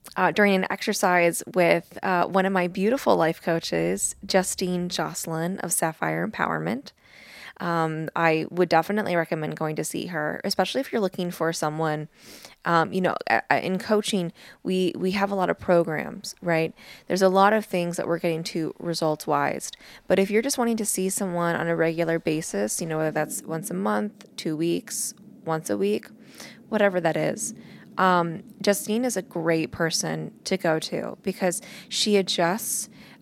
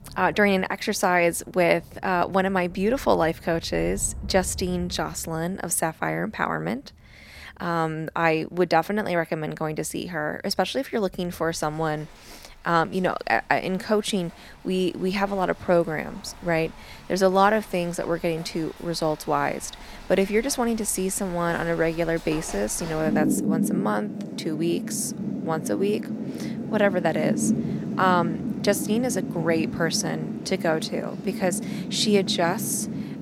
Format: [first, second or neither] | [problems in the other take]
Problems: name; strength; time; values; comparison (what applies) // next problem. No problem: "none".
first | rain or running water; loud; throughout; 6 dB below the speech; faint in the first